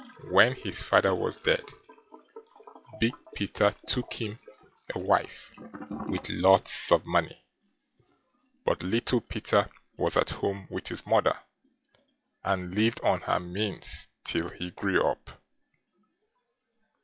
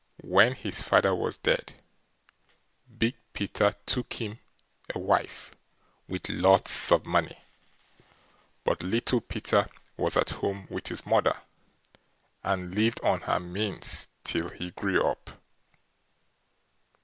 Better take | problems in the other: second | noise reduction (classical method log-MMSE)

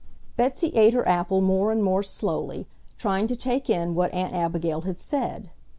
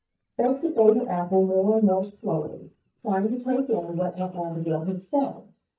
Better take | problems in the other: first | noise reduction (neural mask model DeepFilterNet 3)

